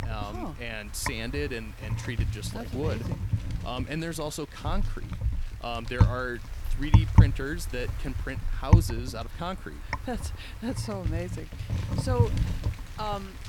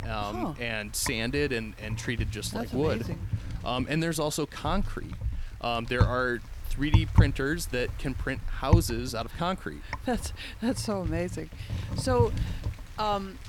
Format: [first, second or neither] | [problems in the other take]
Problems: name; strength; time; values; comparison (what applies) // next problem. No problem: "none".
second | wind noise on the microphone; heavy; 5 dB below the speech; occasional gusts in the second